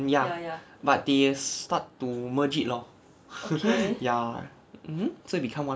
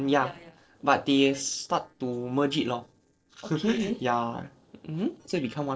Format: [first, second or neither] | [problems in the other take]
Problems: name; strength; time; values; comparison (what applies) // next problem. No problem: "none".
first | noise reduction (neural separator model SepFormer DNS4)